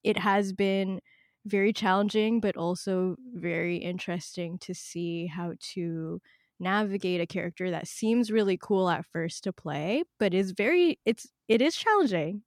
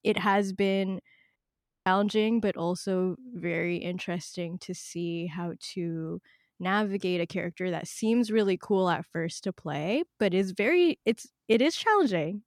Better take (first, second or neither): first